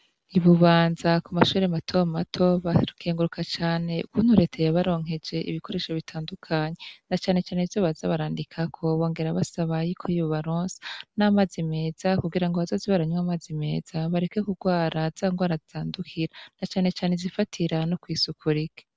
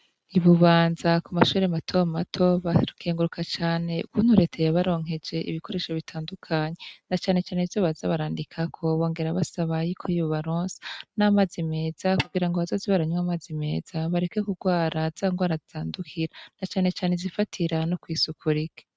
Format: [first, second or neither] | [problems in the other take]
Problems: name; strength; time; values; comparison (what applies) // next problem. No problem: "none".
first | noise reduction (neural mask model RNNoise)